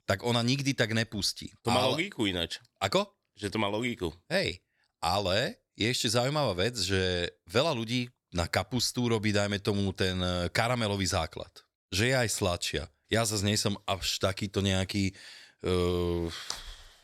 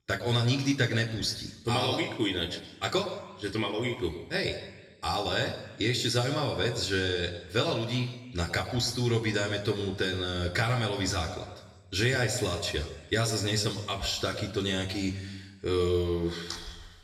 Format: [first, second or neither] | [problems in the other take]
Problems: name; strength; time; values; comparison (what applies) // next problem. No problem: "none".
first | room echo; slight; dies away in 1 s // off-mic speech; far